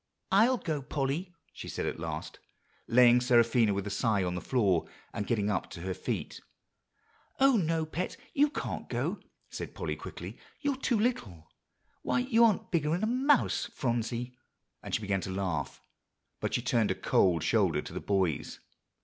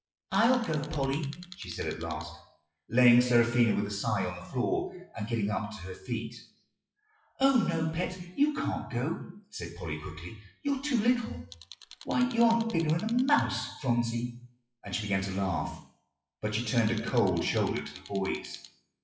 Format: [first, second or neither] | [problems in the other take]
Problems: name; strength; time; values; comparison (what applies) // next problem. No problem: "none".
first | noise reduction (classical method WPE with log-MMSE)